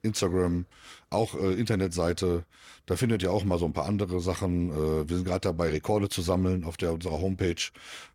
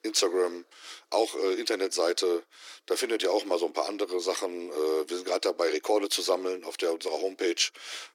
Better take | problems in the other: first | thin; very; fading below 300 Hz

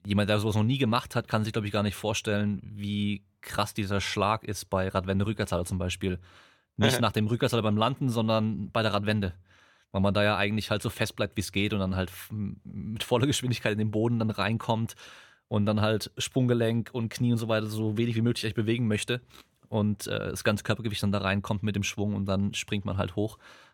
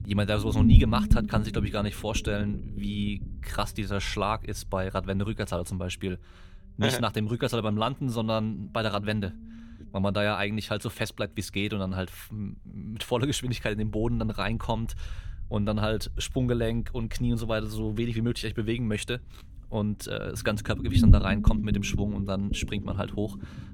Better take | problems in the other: first | low rumble; loud; throughout; 7 dB below the speech

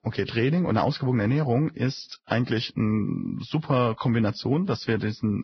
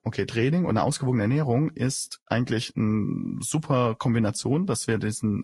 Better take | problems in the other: second | garbled, watery; badly; nothing above 5.5 kHz; slightly in the second

